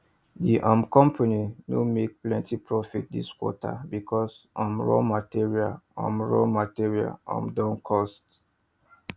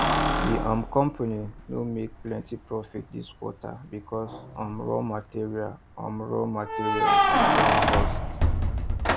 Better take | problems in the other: first | background sound (Keys jangling); 4 dB above the speech

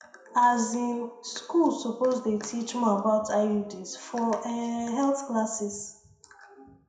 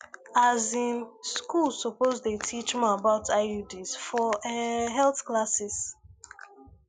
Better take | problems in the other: second | room echo; dies away in 0.6 s

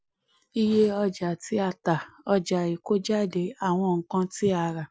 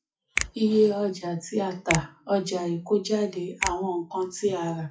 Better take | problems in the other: first | noise reduction (classical method WPE with log-MMSE)

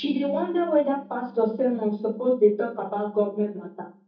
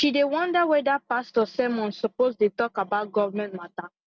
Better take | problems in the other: second | noise reduction (neural mask model DeepFilterNet 3)

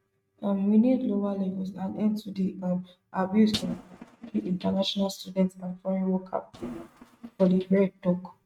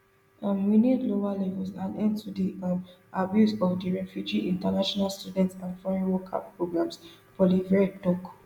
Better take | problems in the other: second | noise reduction (neural mask model RNNoise)

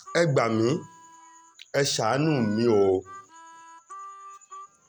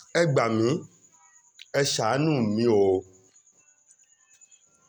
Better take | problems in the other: second | background sound (Harmonica); 19 dB below the speech

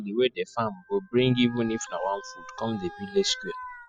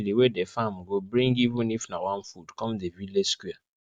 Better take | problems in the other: second | noise reduction (classical method spectral subtraction)

